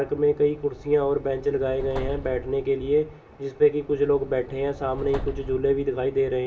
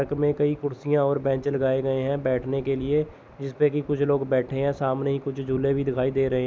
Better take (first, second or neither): second